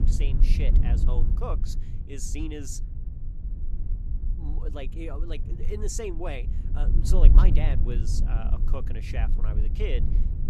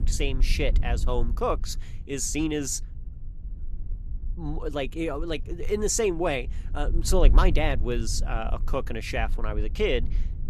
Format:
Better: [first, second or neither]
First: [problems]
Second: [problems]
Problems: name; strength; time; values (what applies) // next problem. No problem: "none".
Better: second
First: low rumble; loud; throughout; 7 dB below the speech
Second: low rumble; faint; throughout; 20 dB below the speech